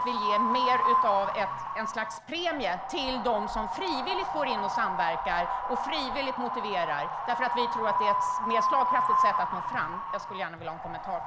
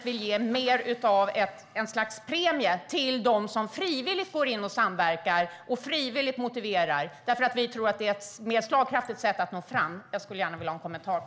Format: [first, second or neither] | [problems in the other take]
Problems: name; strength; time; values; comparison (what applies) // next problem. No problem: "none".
second | background sound (Wind); 3 dB above the speech